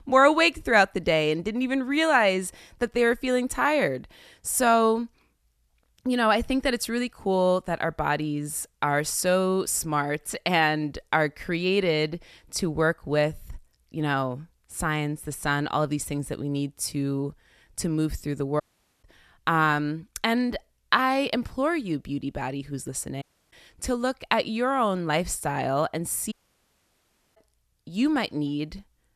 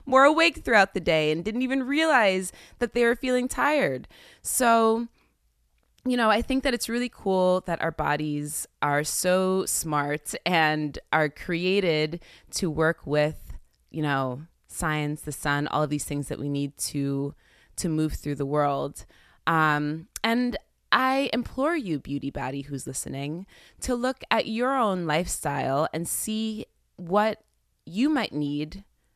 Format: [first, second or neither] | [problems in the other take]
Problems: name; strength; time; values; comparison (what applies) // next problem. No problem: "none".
second | audio cutting out; at 19 s, at 23 s and at 26 s for 1 s